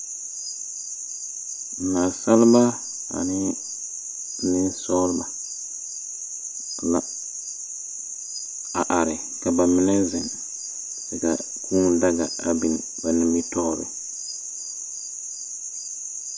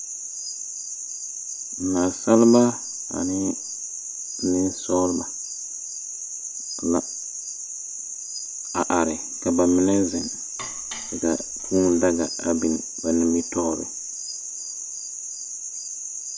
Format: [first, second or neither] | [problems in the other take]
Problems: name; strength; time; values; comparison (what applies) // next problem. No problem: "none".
first | background sound (Dishes, pots, and pans); 19 dB below the speech